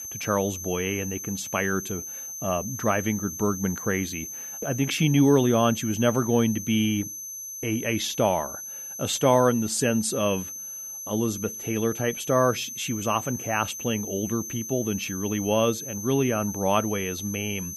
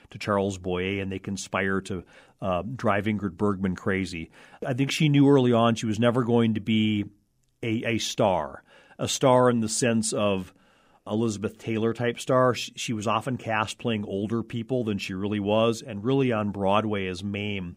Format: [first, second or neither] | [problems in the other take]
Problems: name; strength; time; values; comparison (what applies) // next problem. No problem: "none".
second | high-pitched whine; loud; throughout; 6 kHz, 8 dB below the speech